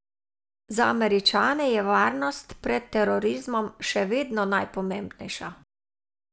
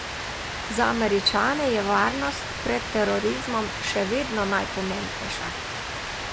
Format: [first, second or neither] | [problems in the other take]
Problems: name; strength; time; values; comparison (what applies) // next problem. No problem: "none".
first | background sound (Rain); 5 dB below the speech